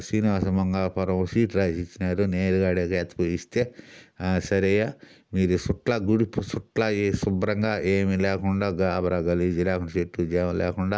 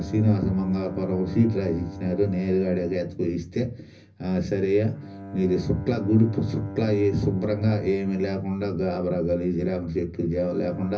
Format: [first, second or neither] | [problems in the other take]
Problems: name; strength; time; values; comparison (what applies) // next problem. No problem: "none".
first | background sound (Bowed string instrument); 14 dB below the speech // room echo; dies away in 0.4 s